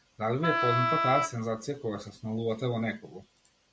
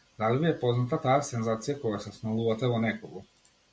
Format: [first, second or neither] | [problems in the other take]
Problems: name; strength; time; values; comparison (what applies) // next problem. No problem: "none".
second | background sound (Wind instrument, woodwind instrument); 3 dB above the speech